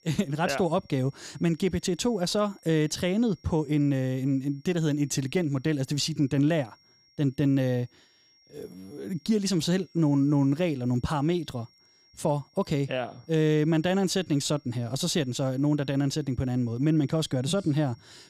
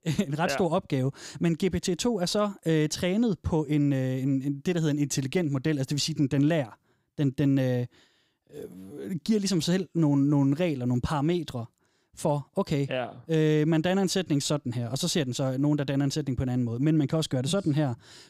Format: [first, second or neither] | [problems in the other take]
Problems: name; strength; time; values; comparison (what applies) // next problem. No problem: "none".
second | high-pitched whine; faint; throughout; 5.5 kHz, 30 dB below the speech